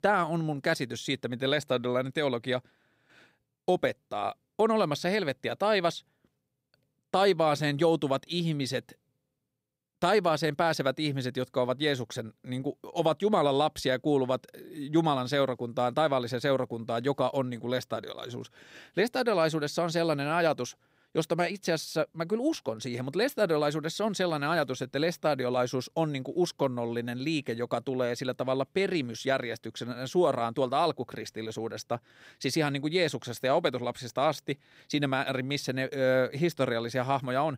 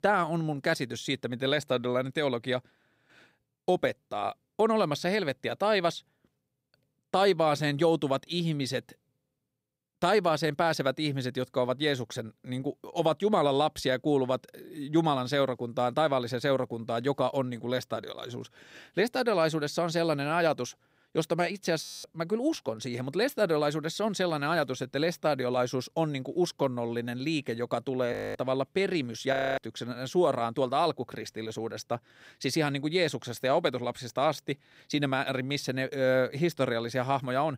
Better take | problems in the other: first | audio freezing; at 22 s, at 28 s and at 29 s

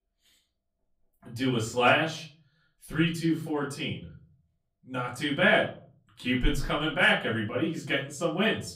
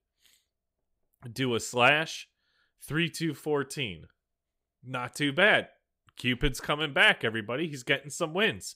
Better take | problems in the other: second | room echo; slight; dies away in 0.4 s // off-mic speech; far

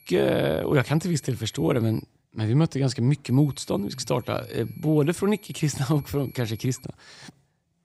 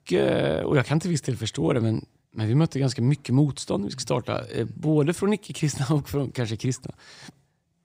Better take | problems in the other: second | high-pitched whine; faint; until 2 s and from 3.5 to 7 s; 11.5 kHz, 25 dB below the speech

